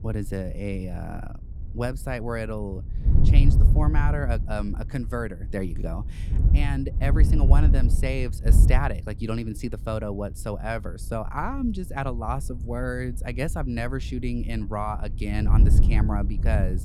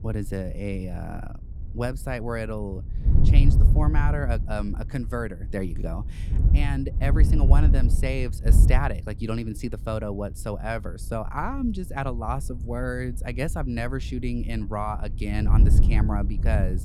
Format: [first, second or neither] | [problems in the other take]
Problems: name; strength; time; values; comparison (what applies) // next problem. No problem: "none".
neither | wind noise on the microphone; heavy; 8 dB below the speech; the same in both